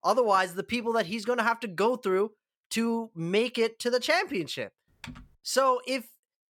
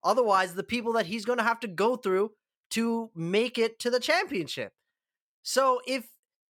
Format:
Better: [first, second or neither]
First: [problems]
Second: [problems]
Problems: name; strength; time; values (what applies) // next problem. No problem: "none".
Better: second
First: keyboard typing; faint; at 5 s; peak 15 dB below the speech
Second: none